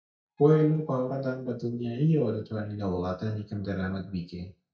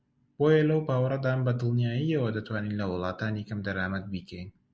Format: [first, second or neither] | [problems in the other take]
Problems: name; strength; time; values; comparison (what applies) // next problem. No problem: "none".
second | noise reduction (neural mask model DeepFilterNet 3)